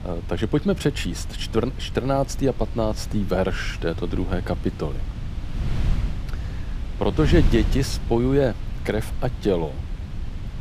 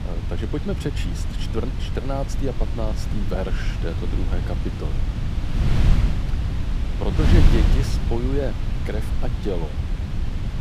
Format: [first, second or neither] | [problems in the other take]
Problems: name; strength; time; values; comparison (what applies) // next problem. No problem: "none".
first | wind noise on the microphone; heavy; 3 dB below the speech; occasional gusts in the first